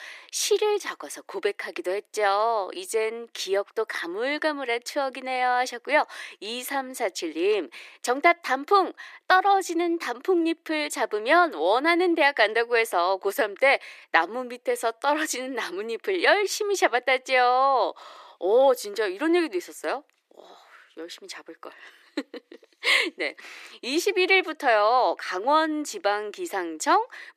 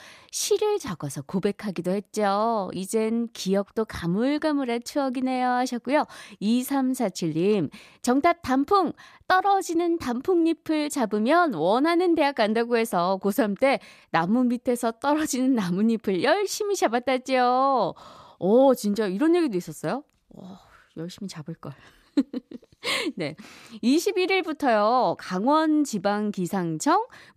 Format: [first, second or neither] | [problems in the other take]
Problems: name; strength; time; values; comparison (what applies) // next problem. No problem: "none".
second | thin; very; fading below 350 Hz